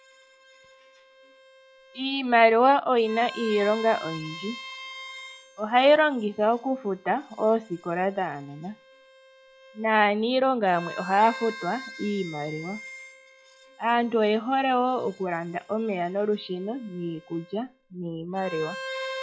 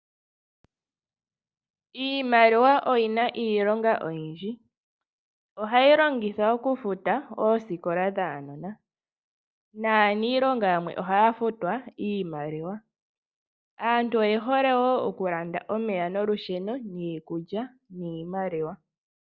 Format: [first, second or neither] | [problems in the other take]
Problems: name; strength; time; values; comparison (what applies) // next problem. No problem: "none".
second | noise reduction (classical method log-MMSE)